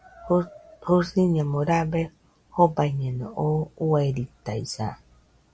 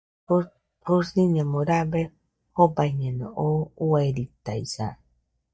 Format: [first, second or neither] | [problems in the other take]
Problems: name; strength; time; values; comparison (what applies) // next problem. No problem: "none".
first | noise reduction (neural mask model DeepFilterNet 3)